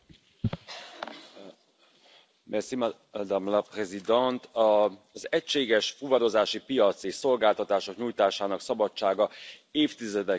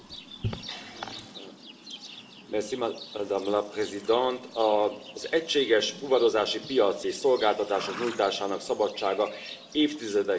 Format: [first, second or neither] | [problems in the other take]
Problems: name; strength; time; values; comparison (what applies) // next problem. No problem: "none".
first | background sound (Livestock, farm animals, working animals); 16 dB below the speech // room echo; dies away in 2.6 s